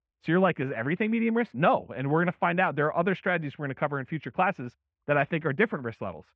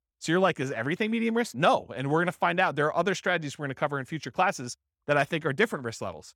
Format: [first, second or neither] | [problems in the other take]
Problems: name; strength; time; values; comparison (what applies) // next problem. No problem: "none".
second | muffled; very; fading above 2.5 kHz